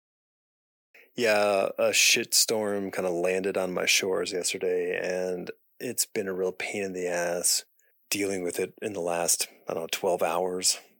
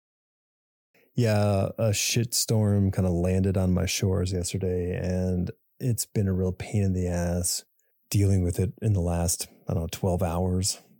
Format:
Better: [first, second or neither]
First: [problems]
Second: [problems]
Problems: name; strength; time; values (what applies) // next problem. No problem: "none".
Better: second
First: thin; very; fading below 350 Hz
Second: none